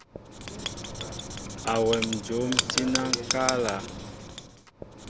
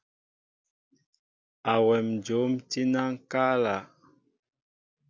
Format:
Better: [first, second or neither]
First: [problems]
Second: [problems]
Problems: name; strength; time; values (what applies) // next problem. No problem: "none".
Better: second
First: background sound (Writing); 2 dB below the speech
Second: none